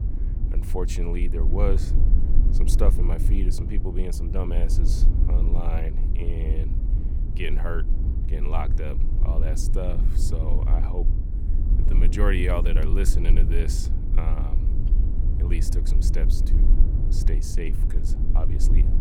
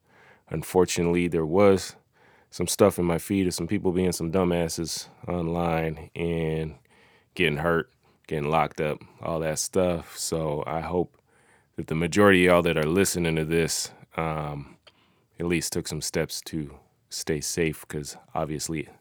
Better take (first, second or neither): second